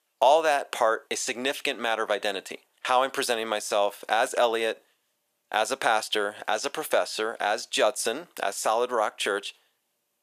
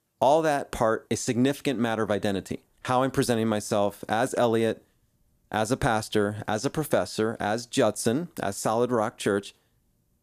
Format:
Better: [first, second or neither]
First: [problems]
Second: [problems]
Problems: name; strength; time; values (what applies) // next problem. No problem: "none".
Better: second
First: thin; very; fading below 650 Hz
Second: none